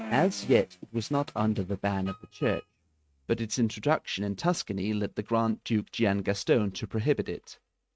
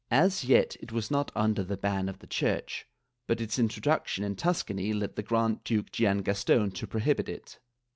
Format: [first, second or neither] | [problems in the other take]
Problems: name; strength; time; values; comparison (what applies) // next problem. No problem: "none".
second | noise reduction (neural mask model RNNoise)